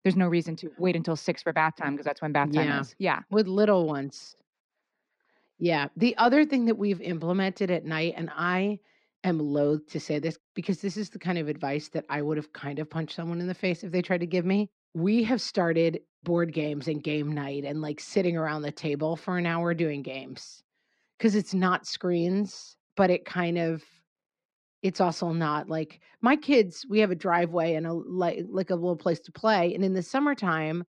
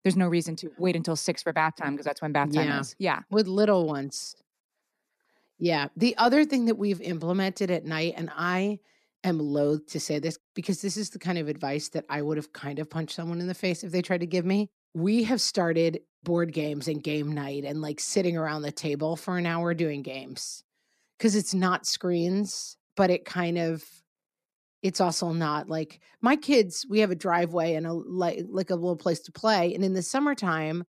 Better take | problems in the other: second | muffled; very slightly; fading above 3 kHz

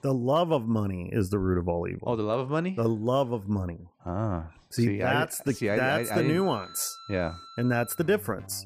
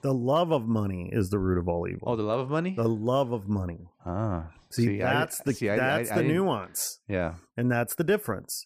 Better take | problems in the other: second | background music; noticeable; from 6 s on; 15 dB below the speech

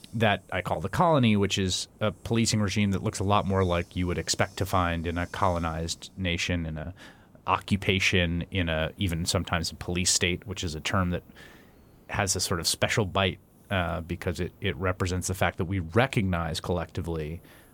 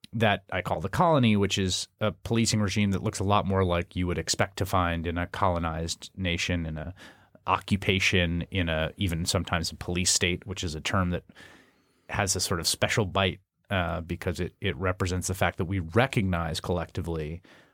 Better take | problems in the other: second | hiss; faint; throughout; 30 dB below the speech

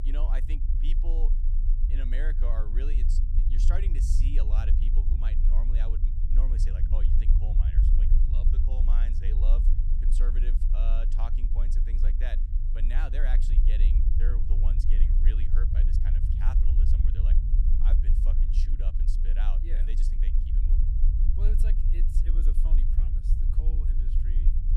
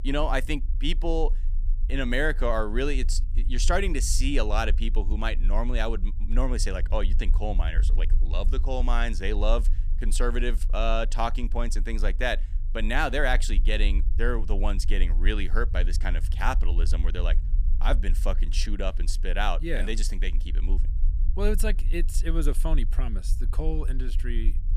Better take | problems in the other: second | low rumble; loud; throughout; 2 dB below the speech; faint in the second

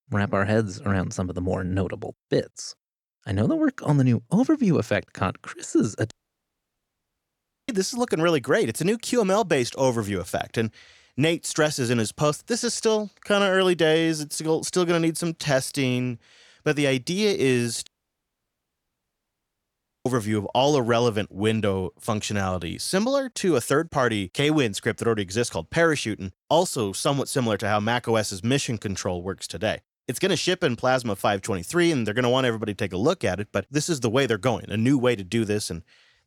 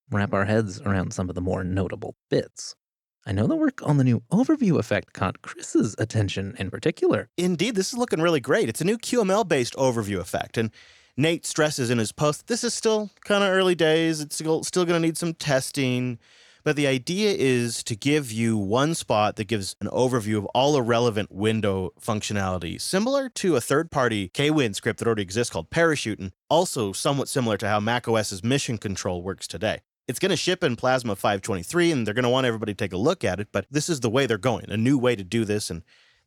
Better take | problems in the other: second | audio cutting out; at 6 s for 1.5 s and at 18 s for 2 s

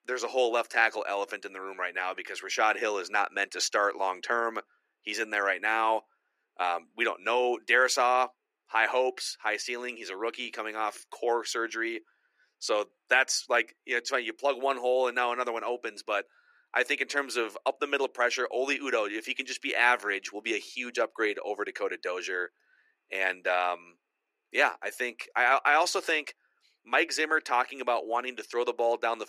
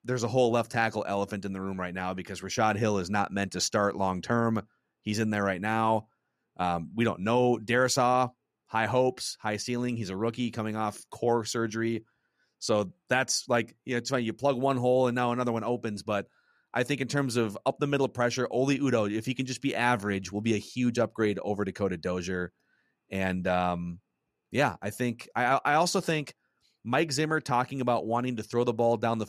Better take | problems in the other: second | thin; very; fading below 350 Hz

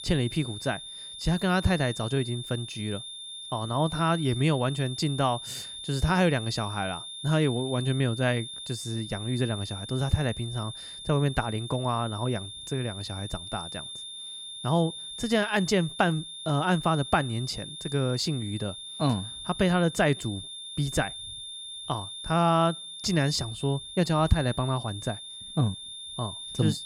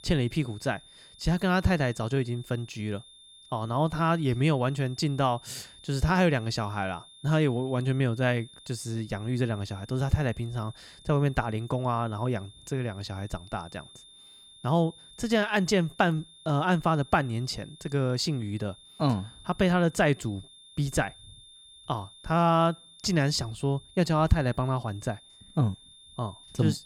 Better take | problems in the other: second | high-pitched whine; loud; throughout; 3.5 kHz, 9 dB below the speech; faint in the second

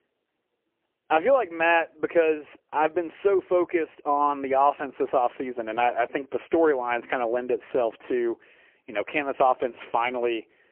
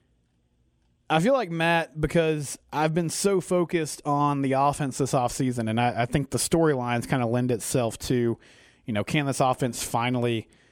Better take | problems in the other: second | phone-call audio; poor line; nothing above 3 kHz

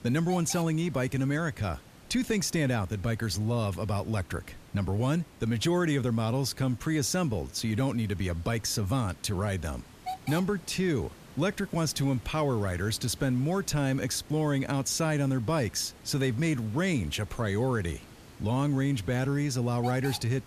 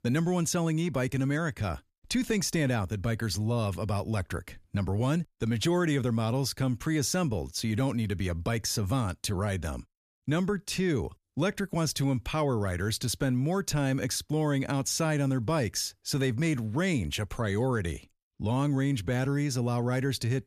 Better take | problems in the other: second | hiss; noticeable; throughout; 20 dB below the speech

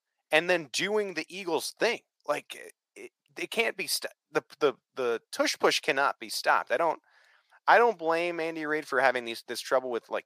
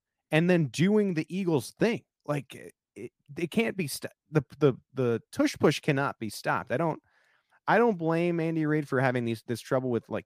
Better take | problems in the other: second | thin; very; fading below 650 Hz

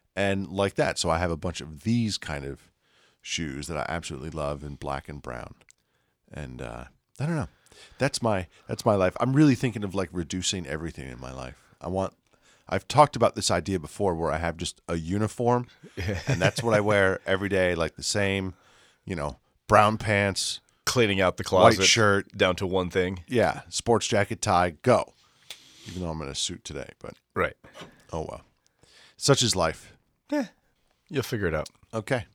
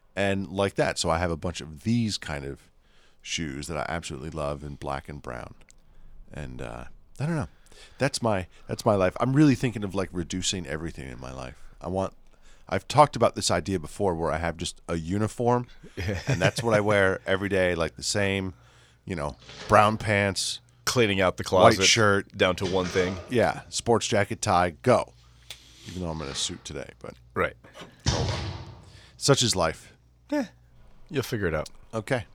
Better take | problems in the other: first | rain or running water; loud; throughout; 10 dB below the speech

